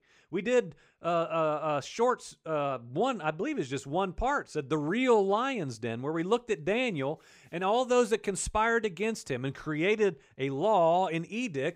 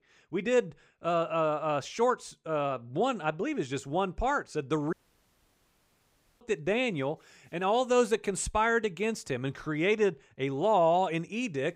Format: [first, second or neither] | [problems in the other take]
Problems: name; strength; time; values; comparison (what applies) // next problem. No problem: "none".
first | audio cutting out; at 5 s for 1.5 s